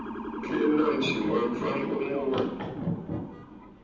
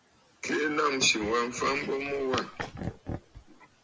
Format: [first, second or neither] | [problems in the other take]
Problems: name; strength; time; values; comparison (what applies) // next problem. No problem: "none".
second | background sound (Motor vehicle (road) / Siren); 7 dB below the speech // room echo; dies away in 0.8 s